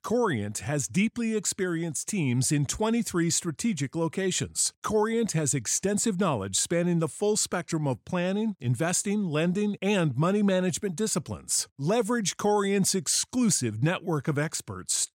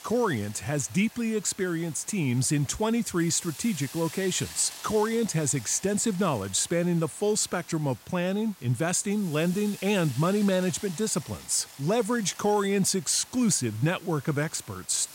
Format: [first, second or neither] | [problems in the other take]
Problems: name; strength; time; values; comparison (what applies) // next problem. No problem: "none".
first | hiss; noticeable; throughout; 15 dB below the speech